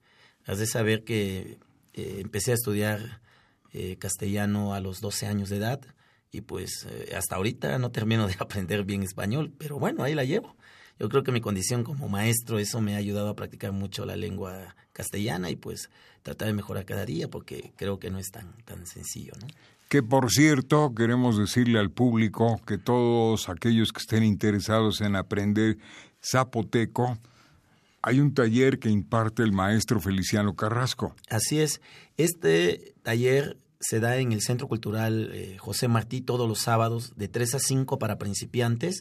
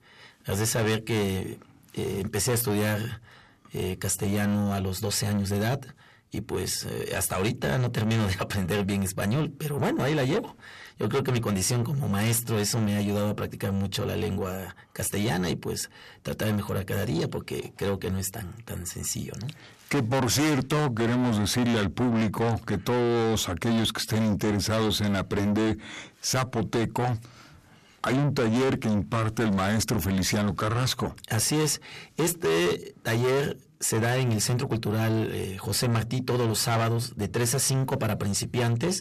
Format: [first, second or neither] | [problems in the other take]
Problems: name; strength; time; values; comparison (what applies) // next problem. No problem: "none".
first | distortion; heavy; 6 dB below the speech